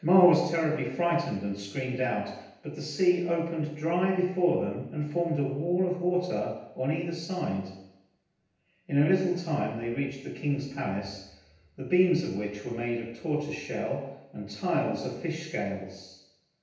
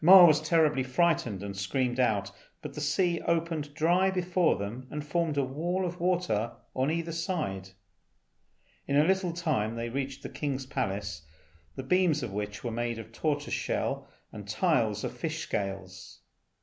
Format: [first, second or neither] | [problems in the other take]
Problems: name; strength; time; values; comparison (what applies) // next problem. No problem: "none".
second | room echo; dies away in 0.9 s